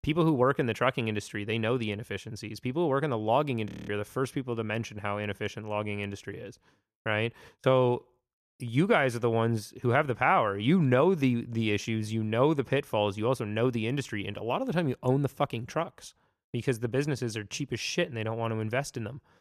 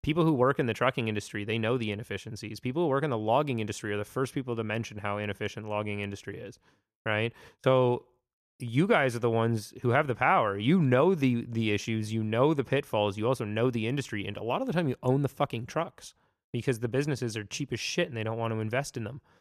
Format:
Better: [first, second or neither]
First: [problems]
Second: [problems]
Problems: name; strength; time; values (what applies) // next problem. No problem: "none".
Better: second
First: audio freezing; at 3.5 s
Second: none